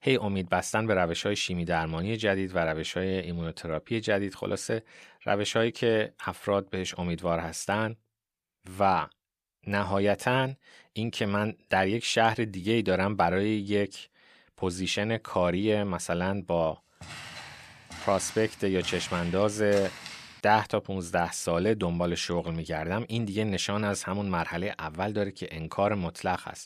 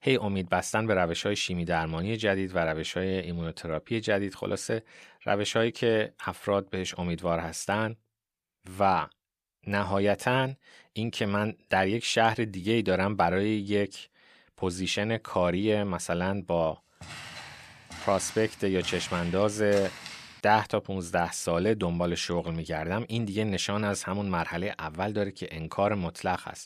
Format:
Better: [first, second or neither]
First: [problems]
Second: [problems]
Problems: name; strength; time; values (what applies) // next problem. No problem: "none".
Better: neither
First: footsteps; noticeable; from 17 to 20 s; peak 10 dB below the speech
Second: footsteps; noticeable; from 17 to 20 s; peak 10 dB below the speech